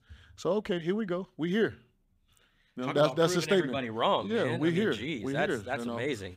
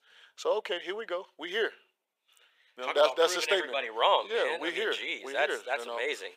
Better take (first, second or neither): first